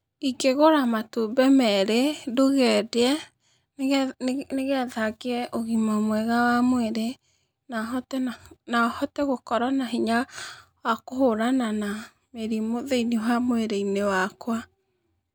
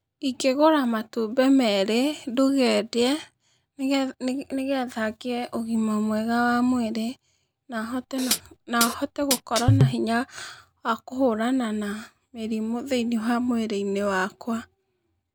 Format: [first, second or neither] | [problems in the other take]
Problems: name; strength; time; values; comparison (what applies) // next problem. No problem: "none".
first | background sound (Hi-hat); as loud as the speech